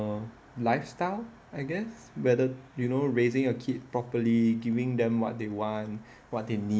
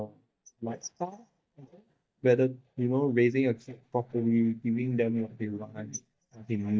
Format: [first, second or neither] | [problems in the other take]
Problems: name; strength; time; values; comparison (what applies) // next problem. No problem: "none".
first | noise reduction (neural mask model DeepFilterNet 3)